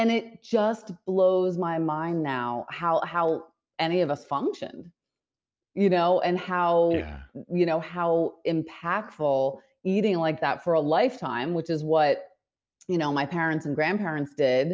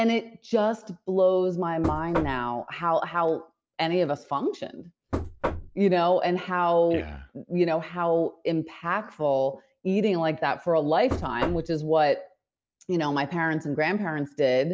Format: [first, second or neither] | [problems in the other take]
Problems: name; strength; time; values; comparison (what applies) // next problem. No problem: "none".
first | background sound (Knock); 7 dB below the speech